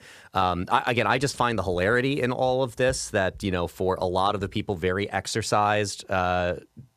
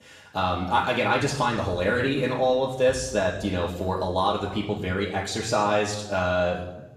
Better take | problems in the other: first | room echo; noticeable; dies away in 0.8 s // off-mic speech; far

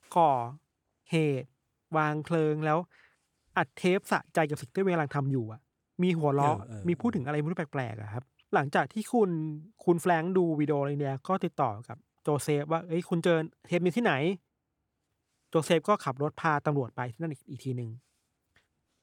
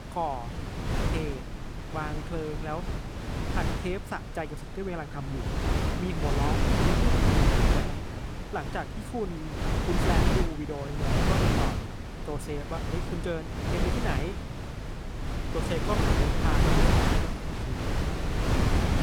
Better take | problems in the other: first | wind noise on the microphone; heavy; 3 dB above the speech

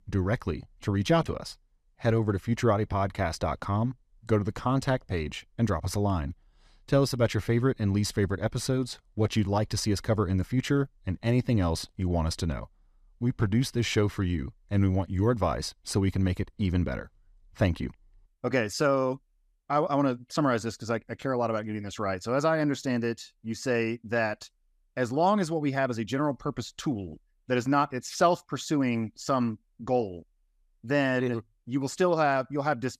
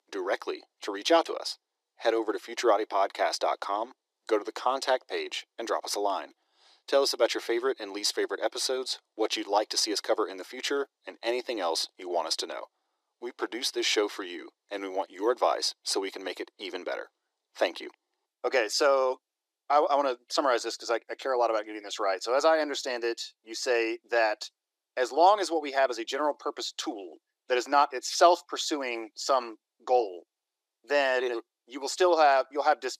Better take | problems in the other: first | thin; very; fading below 350 Hz

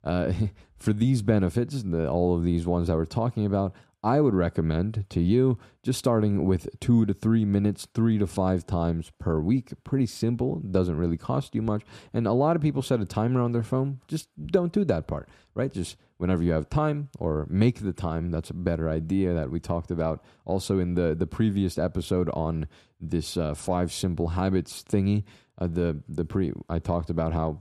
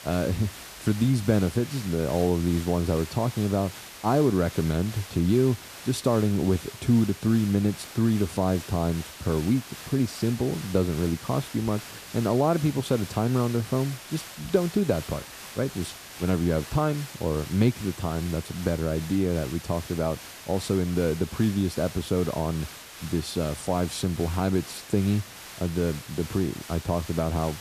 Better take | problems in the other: first | hiss; noticeable; throughout; 15 dB below the speech

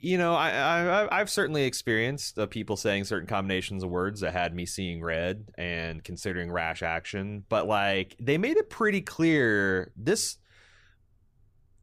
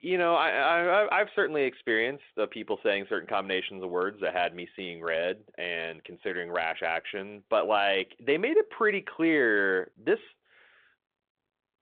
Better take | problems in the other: first | phone-call audio

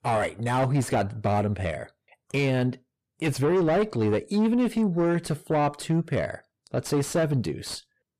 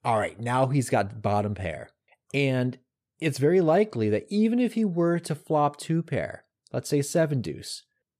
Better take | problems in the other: second | distortion; slight; 10 dB below the speech

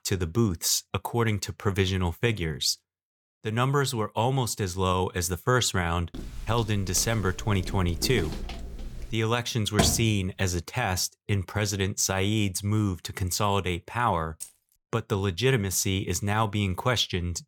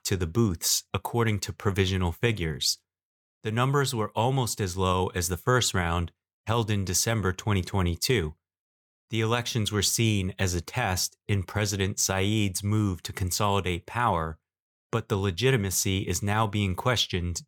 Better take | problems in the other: second | footsteps; noticeable; from 6 to 9 s; peak 8 dB below the speech // door banging; noticeable; at 10 s; peak level with the speech // jangling keys; faint; at 14 s; peak 15 dB below the speech

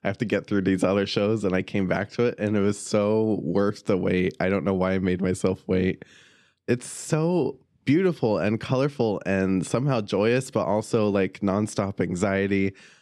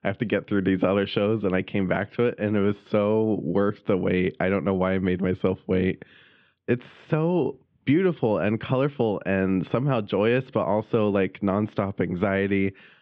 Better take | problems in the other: first | muffled; very; fading above 3.5 kHz

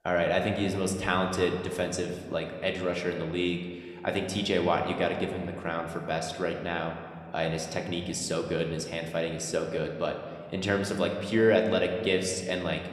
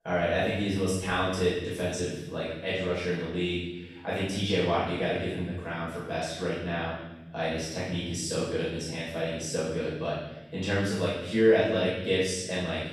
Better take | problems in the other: first | room echo; strong; dies away in 1 s; slight in the first // off-mic speech; far

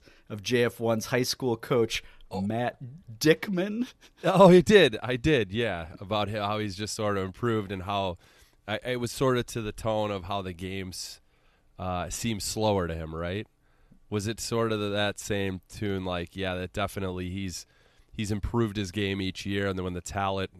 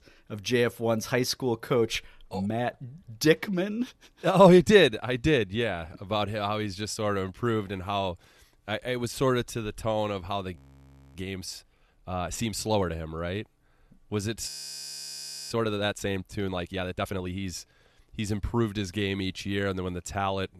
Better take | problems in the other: first | audio freezing; at 11 s for 0.5 s and at 14 s for 1 s

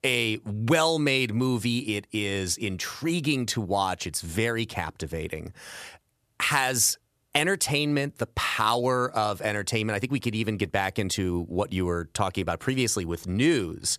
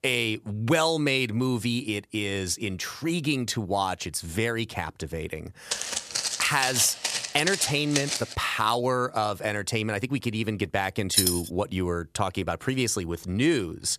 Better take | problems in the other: first | footsteps; loud; from 5.5 to 8.5 s; peak level with the speech // jangling keys; loud; at 11 s; peak 4 dB above the speech

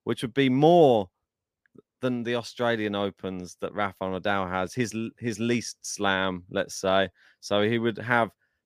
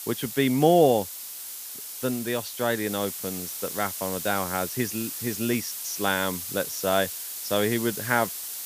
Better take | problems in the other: first | hiss; loud; throughout; 6 dB below the speech

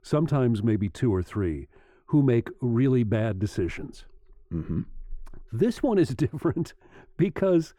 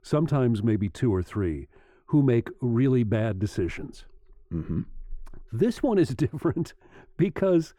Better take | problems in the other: neither | muffled; very; fading above 2.5 kHz; the same in both

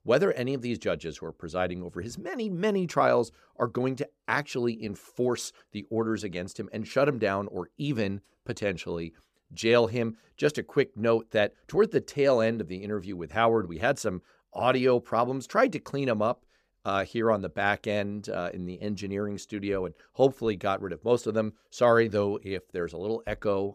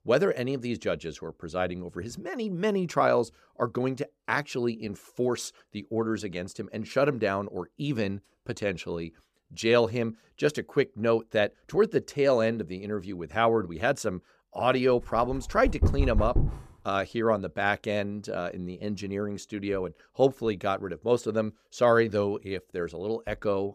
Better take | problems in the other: first | dog barking; loud; from 15 to 17 s; peak 1 dB above the speech

